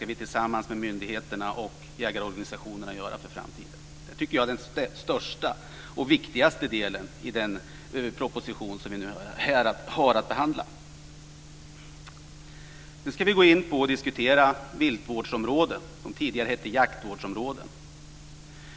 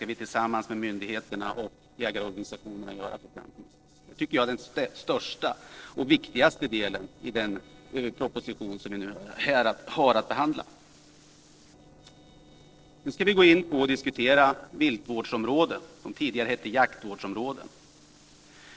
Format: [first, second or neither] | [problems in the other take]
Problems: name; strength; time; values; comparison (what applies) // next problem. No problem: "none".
first | noise reduction (neural separator model SepFormer DNS4)